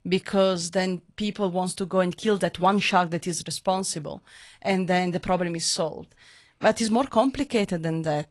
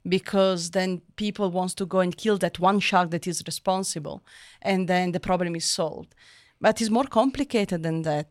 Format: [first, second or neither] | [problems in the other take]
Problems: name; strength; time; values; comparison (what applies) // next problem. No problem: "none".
second | garbled, watery; slightly; nothing above 11 kHz